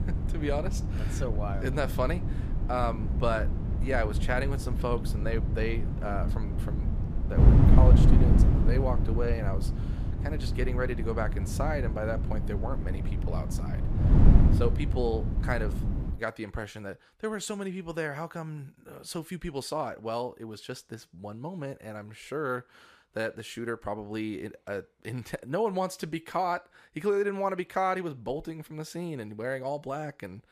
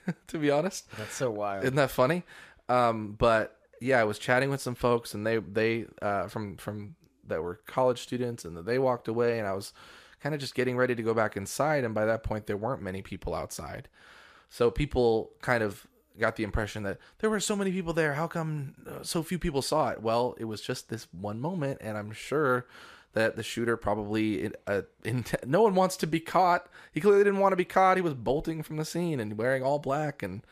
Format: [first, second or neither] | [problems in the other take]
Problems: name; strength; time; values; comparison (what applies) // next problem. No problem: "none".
second | wind noise on the microphone; heavy; until 16 s; 6 dB below the speech